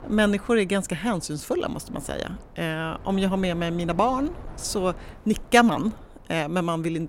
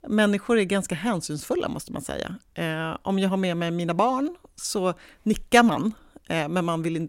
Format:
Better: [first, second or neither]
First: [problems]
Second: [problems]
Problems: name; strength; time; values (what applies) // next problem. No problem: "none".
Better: second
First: wind noise on the microphone; occasional gusts; 20 dB below the speech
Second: none